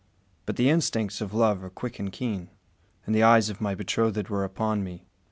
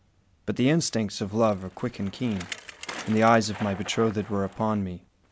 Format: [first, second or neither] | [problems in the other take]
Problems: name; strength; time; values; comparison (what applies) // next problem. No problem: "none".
first | background sound (Bicycle); 17 dB below the speech